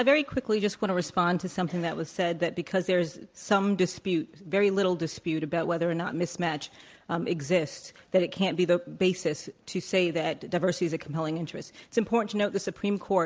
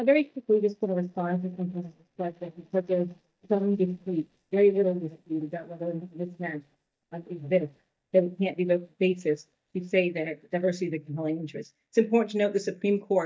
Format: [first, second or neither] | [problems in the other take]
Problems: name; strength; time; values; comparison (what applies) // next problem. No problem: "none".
first | noise reduction (neural mask model DeepFilterNet 3)